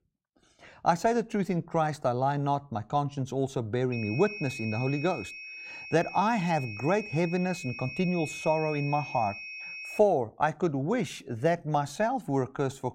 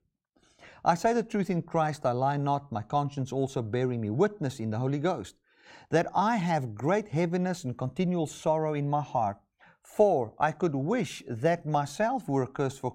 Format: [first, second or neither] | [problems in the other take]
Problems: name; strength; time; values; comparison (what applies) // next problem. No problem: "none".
second | high-pitched whine; loud; from 4 to 10 s; 2.5 kHz, 9 dB below the speech